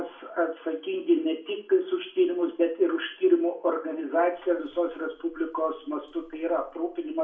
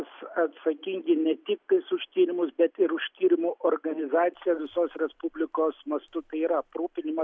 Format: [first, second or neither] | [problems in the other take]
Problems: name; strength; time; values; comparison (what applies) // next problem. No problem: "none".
second | room echo; dies away in 0.4 s